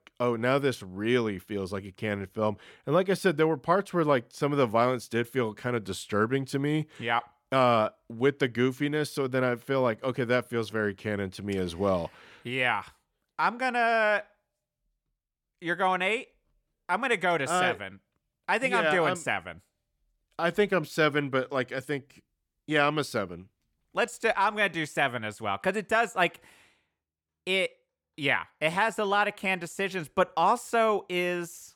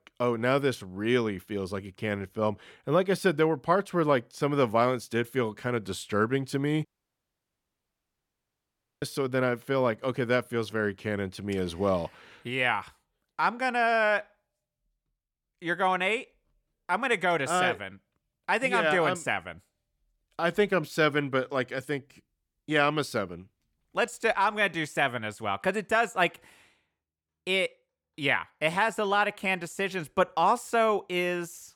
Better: first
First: none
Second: audio cutting out; at 7 s for 2 s

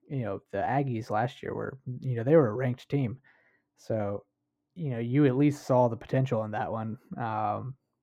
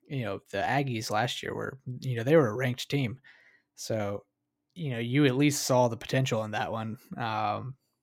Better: second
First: muffled; very; fading above 2 kHz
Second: none

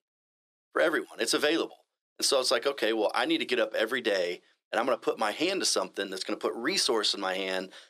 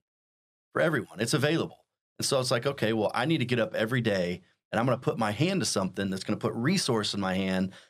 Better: second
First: thin; somewhat; fading below 350 Hz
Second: none

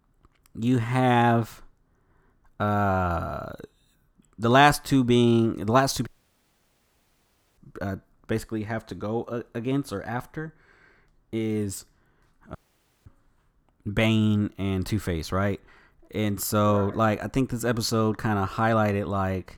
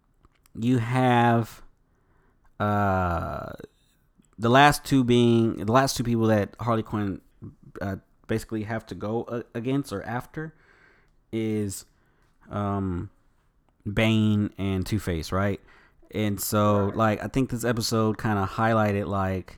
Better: second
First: audio cutting out; at 6 s for 1.5 s and at 13 s for 0.5 s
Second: none

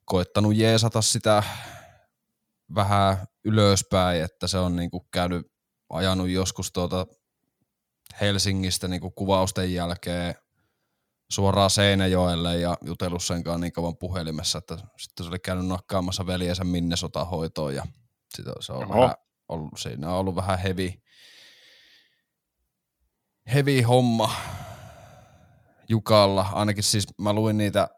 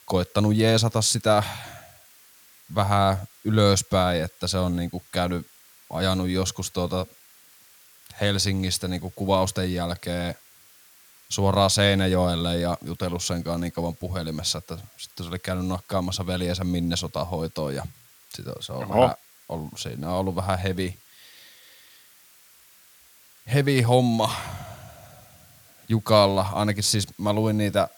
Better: first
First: none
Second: hiss; faint; throughout; 25 dB below the speech

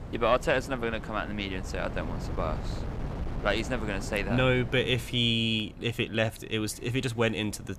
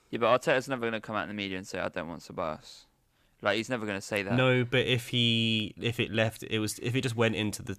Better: second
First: wind noise on the microphone; occasional gusts; 15 dB below the speech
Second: none

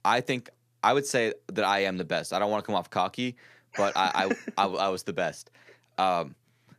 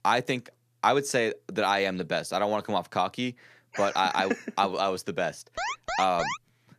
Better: first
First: none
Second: alarm; noticeable; at 5.5 s; peak 3 dB below the speech

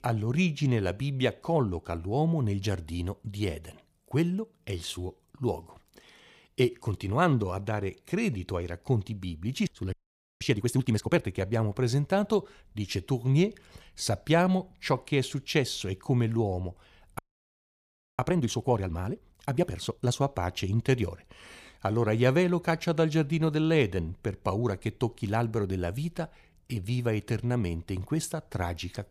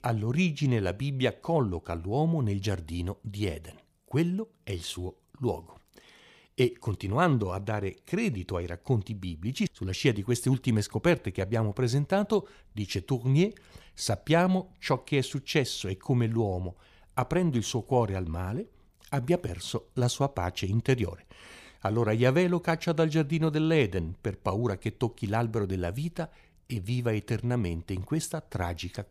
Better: second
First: audio freezing; at 10 s and at 17 s for 1 s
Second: none

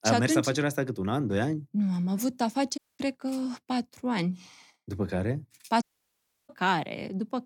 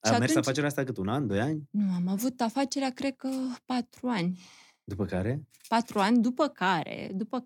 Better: second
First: audio cutting out; at 3 s and at 6 s for 0.5 s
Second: none

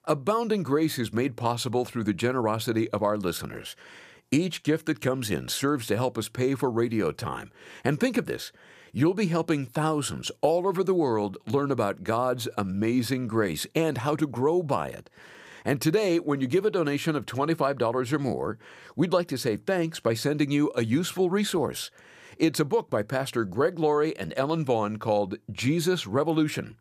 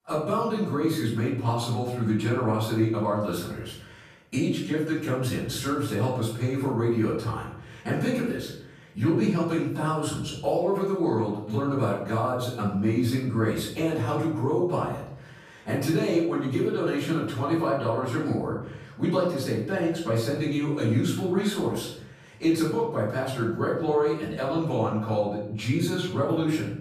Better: first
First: none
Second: off-mic speech; far // room echo; noticeable; dies away in 0.8 s

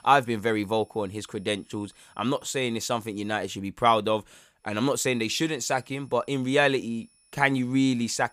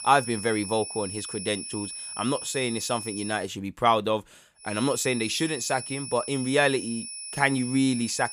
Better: first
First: high-pitched whine; faint; until 3.5 s and from 4.5 s on; 10.5 kHz, 35 dB below the speech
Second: high-pitched whine; loud; until 3.5 s and from 4.5 s on; 10.5 kHz, 8 dB below the speech

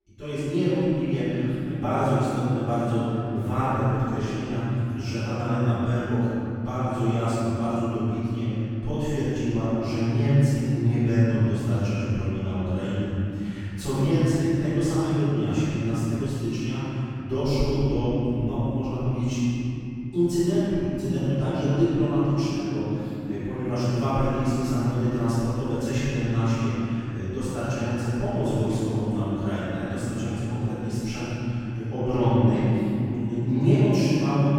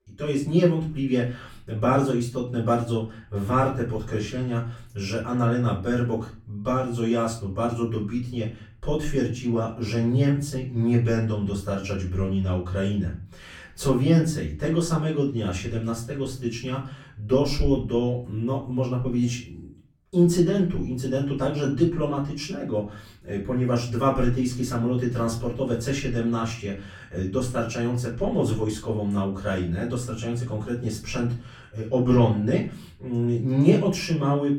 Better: second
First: room echo; strong; dies away in 3 s // off-mic speech; far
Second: room echo; slight; dies away in 0.4 s // off-mic speech; far

